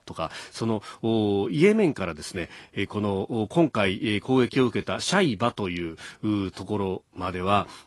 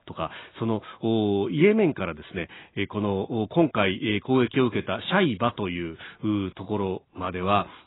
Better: first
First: garbled, watery; slightly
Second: garbled, watery; badly; nothing above 4 kHz

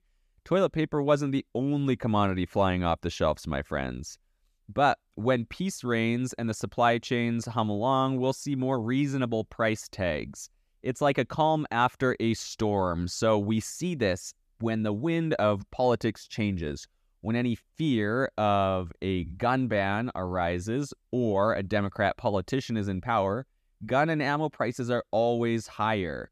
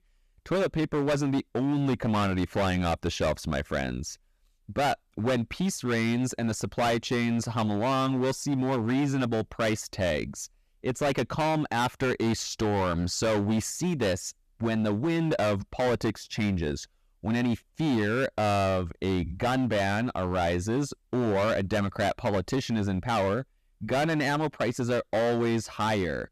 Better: first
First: none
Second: distortion; heavy; 18% of the sound clipped

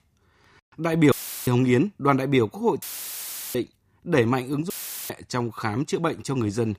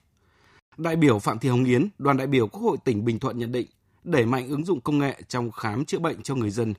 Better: second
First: audio cutting out; filled with static; at 1 s, at 3 s for 0.5 s and at 4.5 s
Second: none

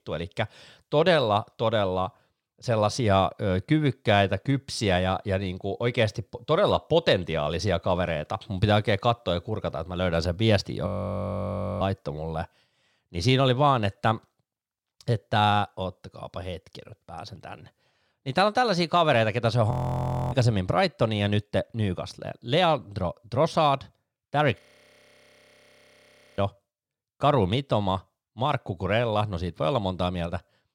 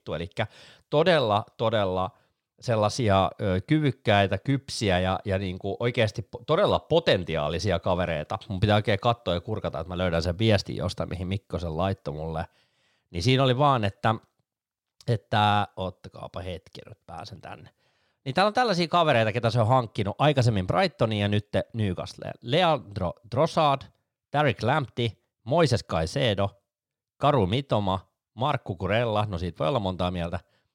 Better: second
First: audio freezing; at 11 s for 1 s, at 20 s for 0.5 s and at 25 s for 2 s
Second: none

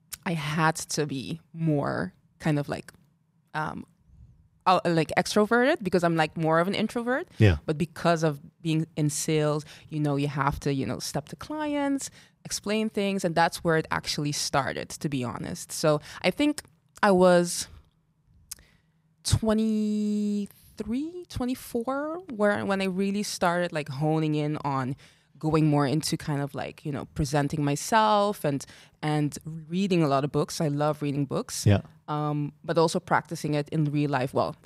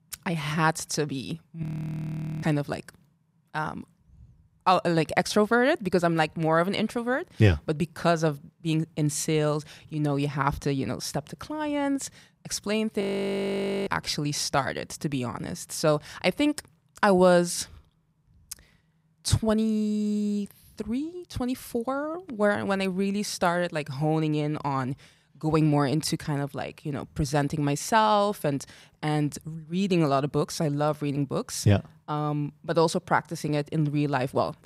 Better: first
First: none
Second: audio freezing; at 1.5 s for 1 s and at 13 s for 1 s

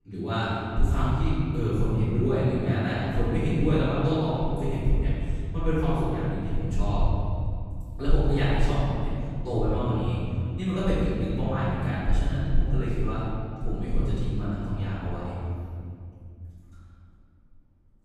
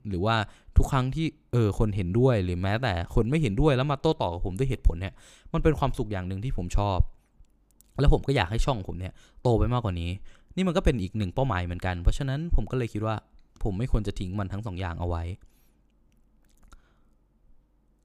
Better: second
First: off-mic speech; far // room echo; strong; dies away in 2.5 s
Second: none

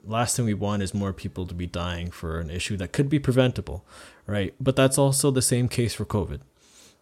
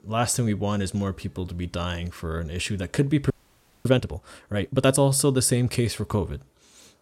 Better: first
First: none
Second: audio freezing; at 3.5 s for 0.5 s

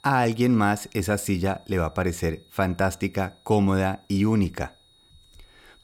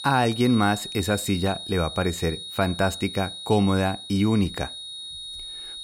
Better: first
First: high-pitched whine; faint; throughout; 4 kHz, 30 dB below the speech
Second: high-pitched whine; loud; throughout; 4 kHz, 10 dB below the speech

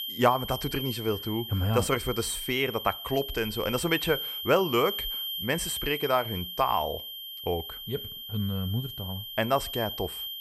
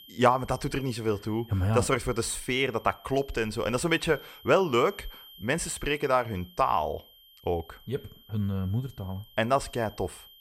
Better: second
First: high-pitched whine; loud; throughout; 3 kHz, 6 dB below the speech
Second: high-pitched whine; faint; throughout; 3 kHz, 25 dB below the speech

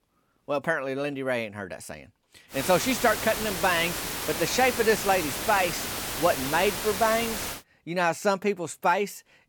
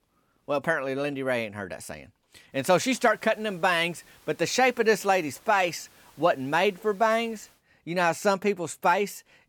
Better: second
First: hiss; loud; from 2.5 to 7.5 s; 4 dB below the speech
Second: hiss; faint; from 2.5 to 7.5 s; 30 dB below the speech

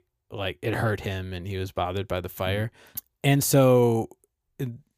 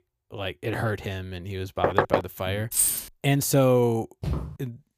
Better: first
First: none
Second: door banging; loud; at 2 s; peak 3 dB above the speech // jangling keys; loud; at 2.5 s; peak 5 dB above the speech // footsteps; noticeable; at 4 s; peak 5 dB below the speech

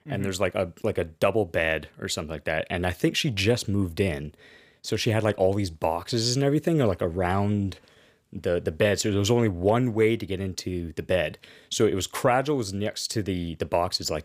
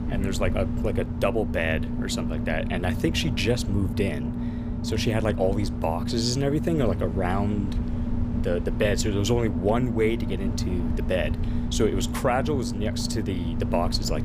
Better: first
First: none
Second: low rumble; loud; throughout; 8 dB below the speech

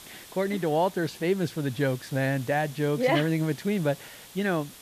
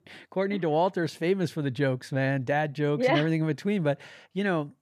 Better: second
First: hiss; noticeable; throughout; 20 dB below the speech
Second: none

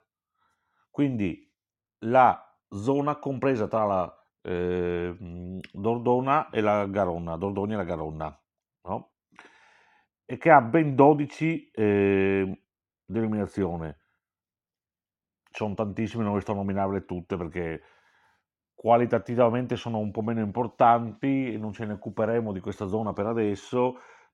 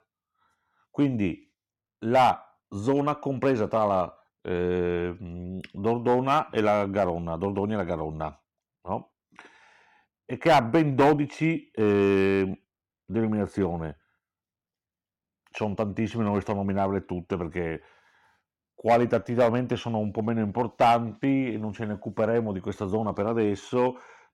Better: first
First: none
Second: distortion; slight; 1.5% of the sound clipped

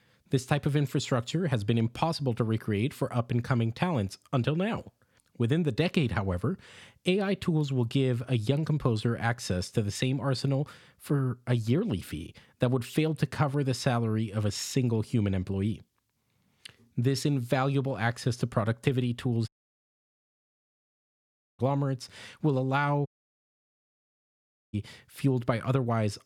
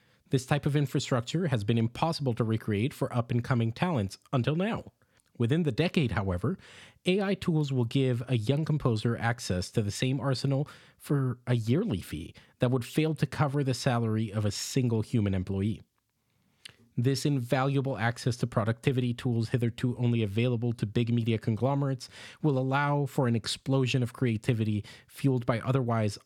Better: second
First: audio cutting out; at 19 s for 2 s and at 23 s for 1.5 s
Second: none

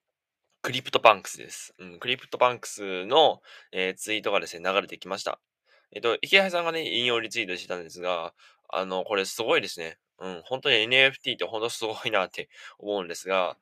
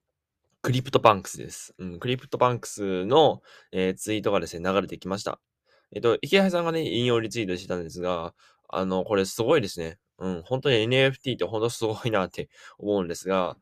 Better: second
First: thin; somewhat; fading below 1 kHz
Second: none

